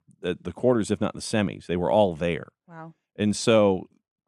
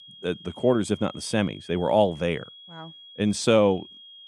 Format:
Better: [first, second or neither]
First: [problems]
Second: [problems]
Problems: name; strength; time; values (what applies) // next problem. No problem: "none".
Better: first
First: none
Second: high-pitched whine; noticeable; throughout; 3.5 kHz, 20 dB below the speech